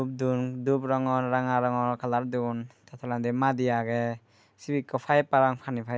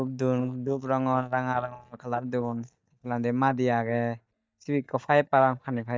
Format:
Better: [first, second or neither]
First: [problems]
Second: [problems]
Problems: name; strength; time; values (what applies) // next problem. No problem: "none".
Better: first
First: none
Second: noise reduction (neural mask model DeepFilterNet 3)